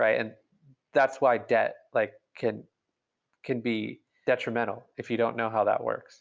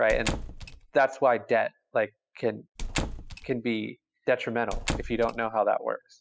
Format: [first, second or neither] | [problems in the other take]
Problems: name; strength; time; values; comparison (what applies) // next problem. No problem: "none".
first | noise reduction (classical method spectral subtraction)